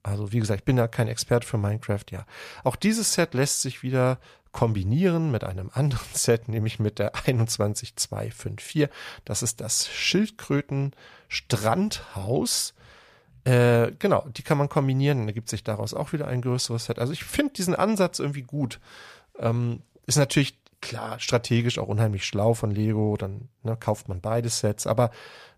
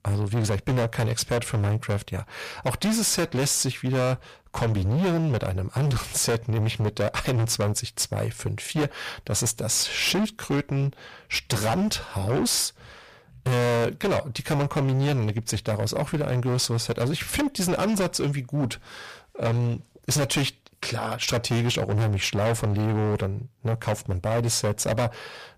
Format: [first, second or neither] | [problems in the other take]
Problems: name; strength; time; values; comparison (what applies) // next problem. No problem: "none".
first | distortion; heavy; 21% of the sound clipped